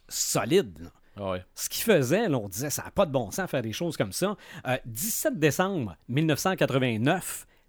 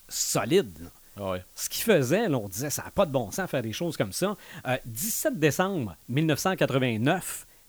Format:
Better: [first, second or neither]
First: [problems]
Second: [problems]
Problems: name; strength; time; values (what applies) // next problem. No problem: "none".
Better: first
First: none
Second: hiss; faint; throughout; 25 dB below the speech